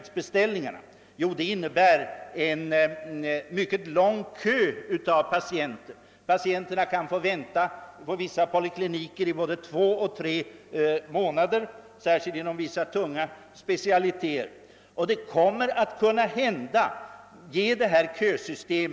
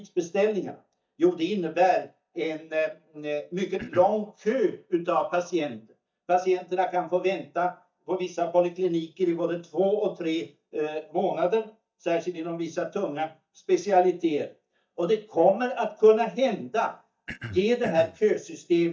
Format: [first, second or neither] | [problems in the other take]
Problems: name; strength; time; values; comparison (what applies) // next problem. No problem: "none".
first | noise reduction (neural mask model DeepFilterNet 3)